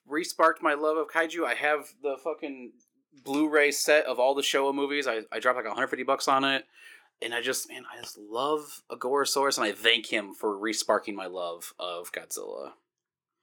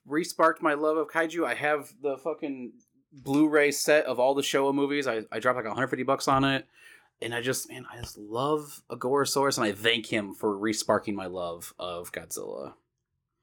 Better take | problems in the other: second | thin; very slightly; fading below 350 Hz

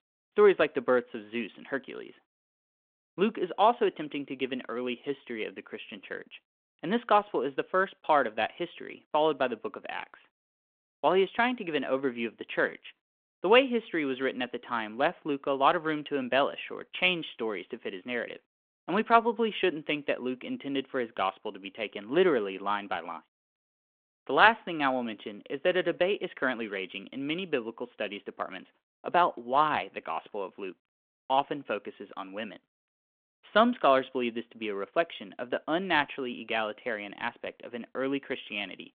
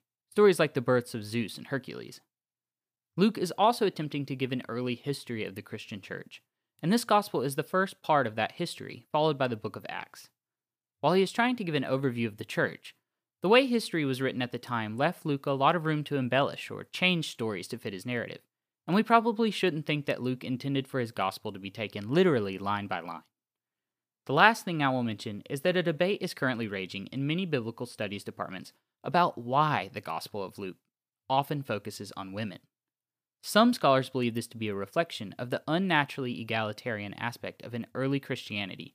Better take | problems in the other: second | phone-call audio

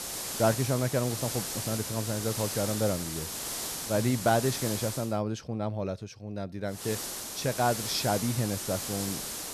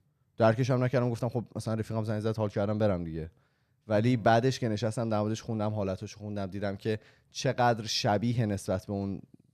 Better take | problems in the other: second | hiss; loud; until 5 s and from 7 s on; 3 dB below the speech

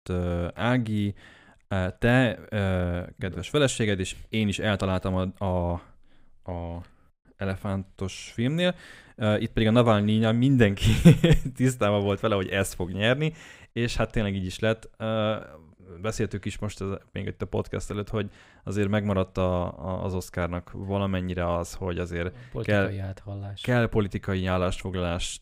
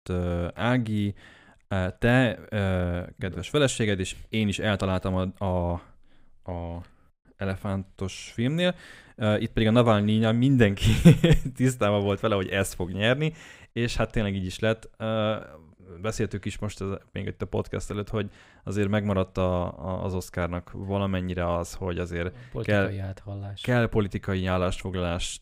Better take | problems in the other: neither | none

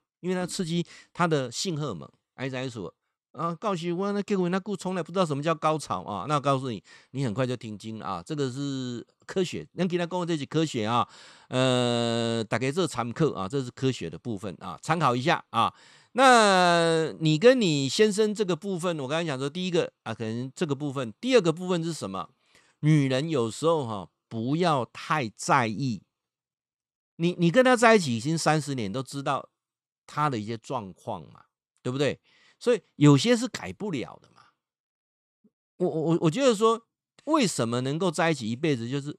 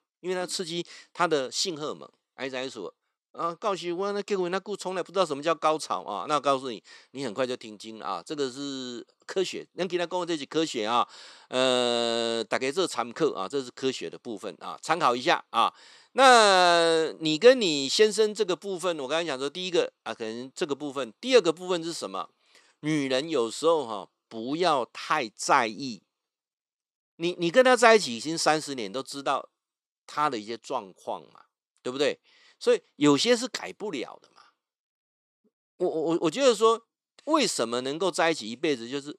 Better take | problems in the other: first | thin; somewhat; fading below 400 Hz

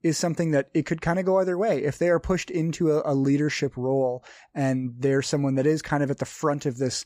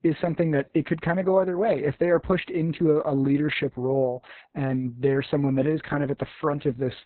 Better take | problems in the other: first | garbled, watery; badly; nothing above 4 kHz

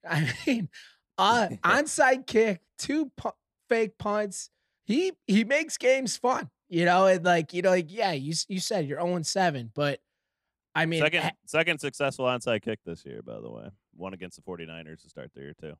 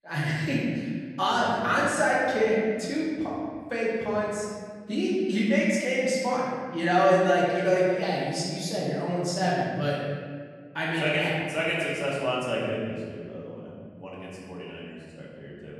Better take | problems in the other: first | room echo; strong; dies away in 1.7 s // off-mic speech; far

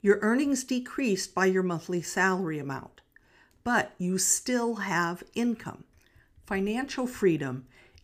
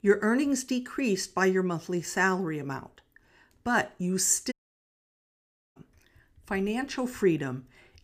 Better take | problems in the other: first | audio cutting out; at 4.5 s for 1 s

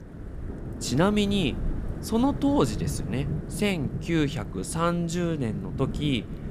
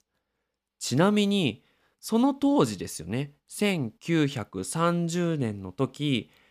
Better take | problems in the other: second | wind noise on the microphone; occasional gusts; 15 dB below the speech

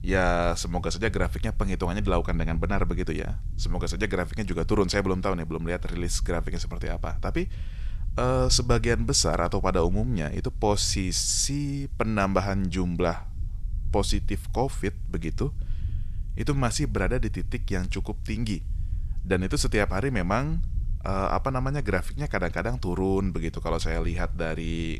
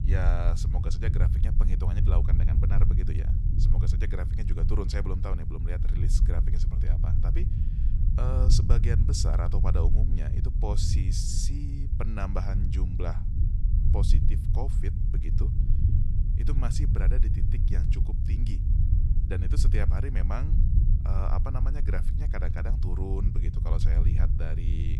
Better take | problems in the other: first | low rumble; loud; throughout; 4 dB below the speech; faint in the first

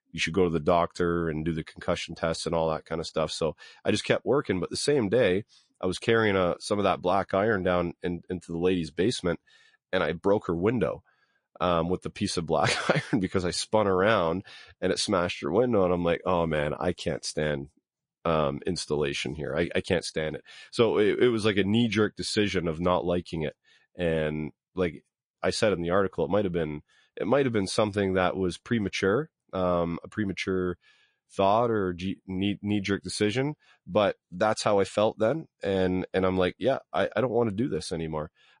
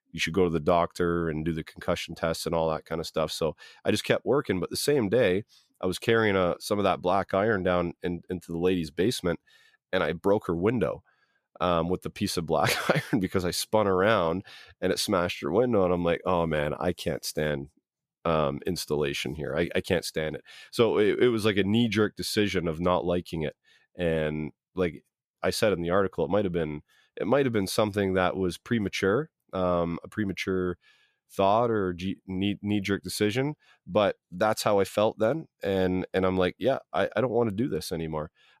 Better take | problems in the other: second | garbled, watery; slightly

